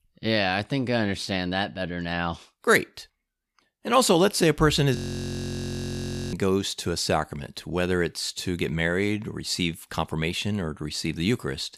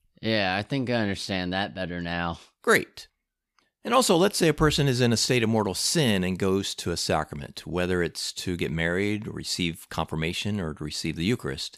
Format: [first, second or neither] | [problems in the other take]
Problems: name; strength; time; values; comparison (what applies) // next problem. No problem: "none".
second | audio freezing; at 5 s for 1.5 s